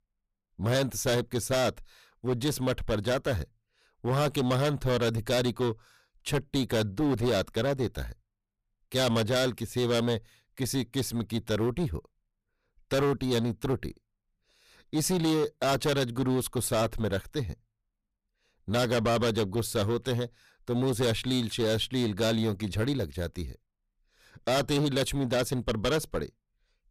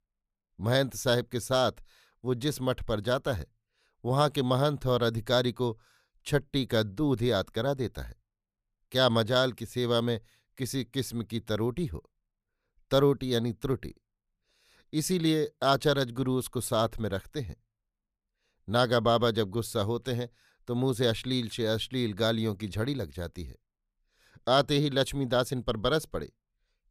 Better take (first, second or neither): second